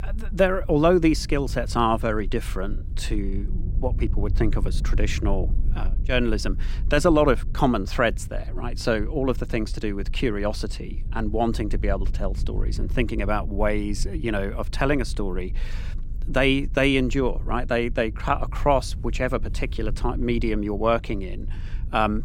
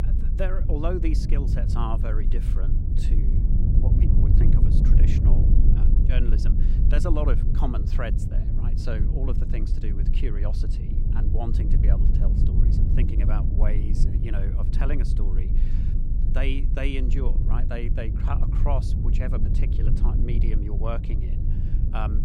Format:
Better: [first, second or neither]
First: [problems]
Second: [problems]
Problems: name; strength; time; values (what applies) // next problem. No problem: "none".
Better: first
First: low rumble; faint; throughout; 25 dB below the speech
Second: low rumble; loud; throughout; 3 dB below the speech